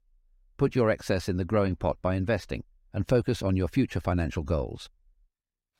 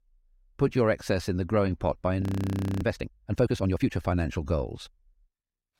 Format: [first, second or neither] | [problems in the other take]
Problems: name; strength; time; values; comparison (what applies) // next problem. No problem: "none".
first | audio freezing; at 2 s for 0.5 s